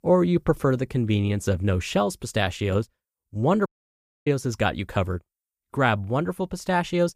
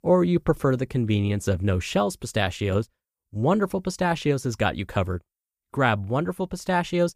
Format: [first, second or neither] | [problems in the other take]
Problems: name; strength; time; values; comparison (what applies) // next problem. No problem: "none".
second | audio cutting out; at 3.5 s for 0.5 s